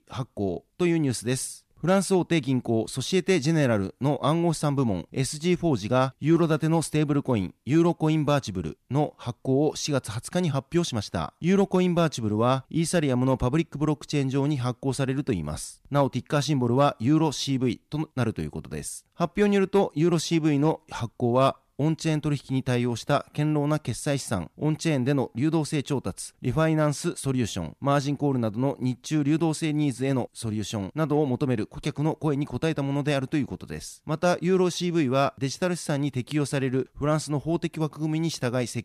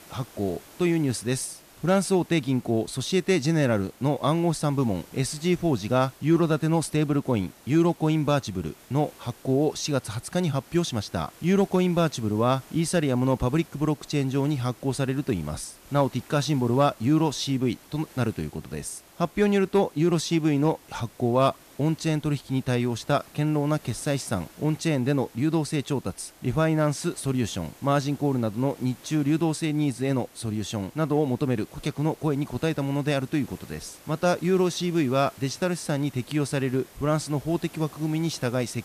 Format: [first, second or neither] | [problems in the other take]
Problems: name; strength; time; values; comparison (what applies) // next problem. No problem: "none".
first | hiss; faint; throughout; 25 dB below the speech